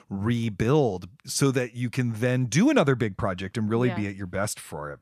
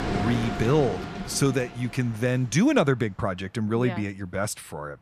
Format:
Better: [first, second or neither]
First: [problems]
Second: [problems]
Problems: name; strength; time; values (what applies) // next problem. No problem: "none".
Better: first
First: none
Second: train or aircraft noise; loud; throughout; 8 dB below the speech